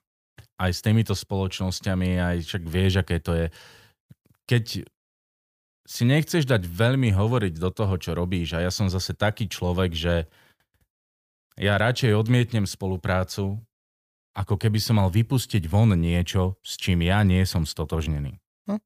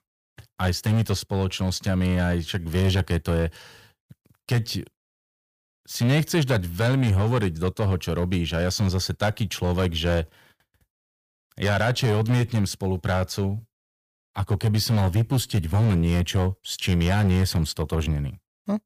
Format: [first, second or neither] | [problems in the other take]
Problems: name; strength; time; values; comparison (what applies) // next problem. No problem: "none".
first | distortion; slight; 7% of the sound clipped